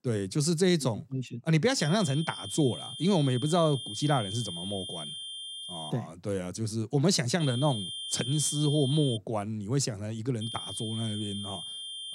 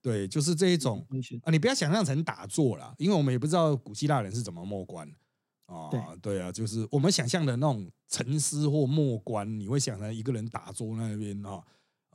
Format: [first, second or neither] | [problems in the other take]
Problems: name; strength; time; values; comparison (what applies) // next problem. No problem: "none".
second | high-pitched whine; loud; from 2 to 6 s, from 7.5 to 9 s and from 10 s on; 3 kHz, 7 dB below the speech